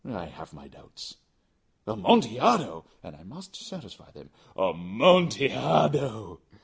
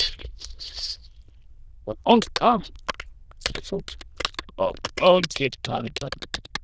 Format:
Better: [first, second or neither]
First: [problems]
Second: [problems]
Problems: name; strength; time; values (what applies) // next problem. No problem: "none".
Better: first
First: none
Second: noise reduction (neural diffusion model UNIVERSE++)